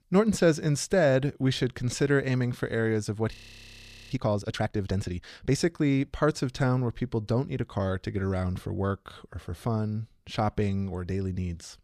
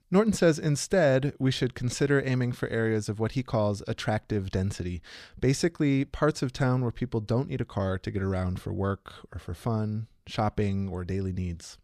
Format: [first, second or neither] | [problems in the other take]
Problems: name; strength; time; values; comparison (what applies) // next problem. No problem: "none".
second | audio freezing; at 3.5 s for 1 s